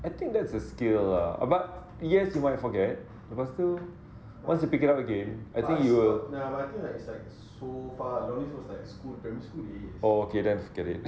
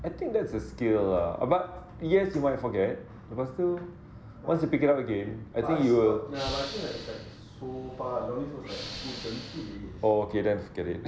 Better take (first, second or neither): first